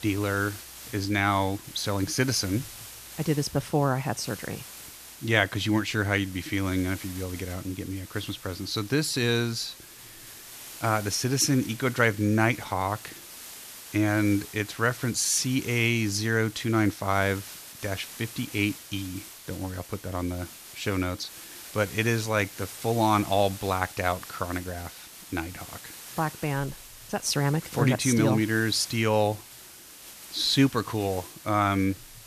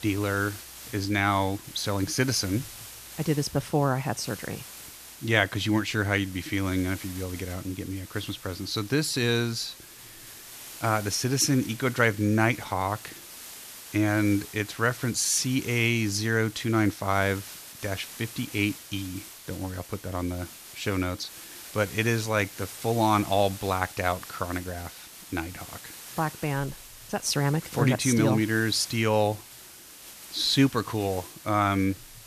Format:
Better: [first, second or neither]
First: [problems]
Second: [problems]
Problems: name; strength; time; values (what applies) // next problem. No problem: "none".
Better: neither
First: hiss; noticeable; throughout; 15 dB below the speech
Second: hiss; noticeable; throughout; 15 dB below the speech